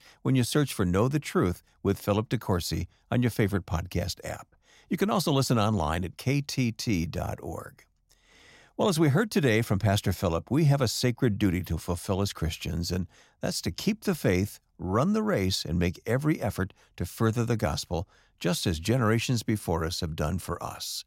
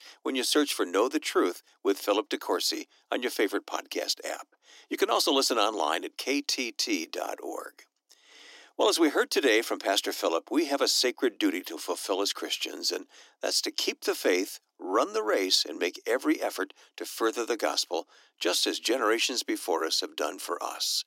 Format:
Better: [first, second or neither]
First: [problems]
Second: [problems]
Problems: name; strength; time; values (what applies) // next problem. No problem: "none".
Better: first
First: none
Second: thin; somewhat; fading below 300 Hz